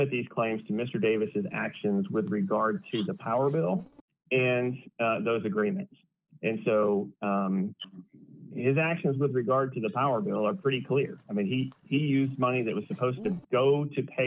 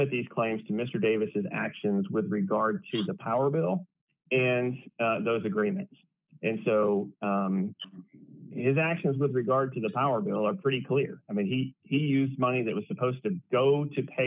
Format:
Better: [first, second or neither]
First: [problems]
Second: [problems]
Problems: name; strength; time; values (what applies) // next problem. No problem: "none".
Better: second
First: noise reduction (neural separator model SepFormer DNS4)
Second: none